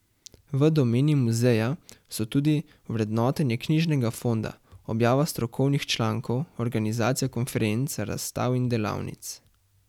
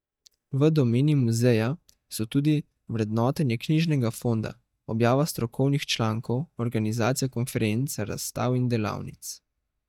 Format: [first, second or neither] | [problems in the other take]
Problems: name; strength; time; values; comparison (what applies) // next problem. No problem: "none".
first | noise reduction (neural mask model DeepFilterNet 3)